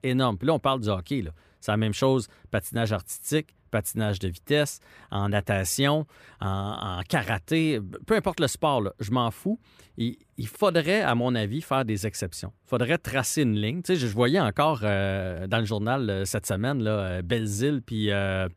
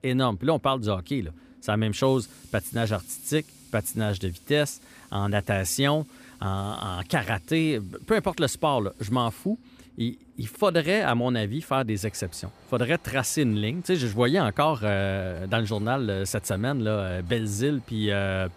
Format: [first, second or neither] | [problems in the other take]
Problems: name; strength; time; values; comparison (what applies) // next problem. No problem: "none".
first | machinery noise; faint; throughout; 25 dB below the speech